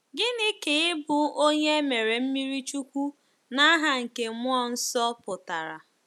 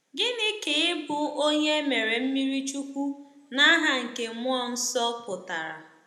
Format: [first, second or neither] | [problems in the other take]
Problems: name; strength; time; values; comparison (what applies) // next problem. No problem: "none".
first | room echo; dies away in 0.7 s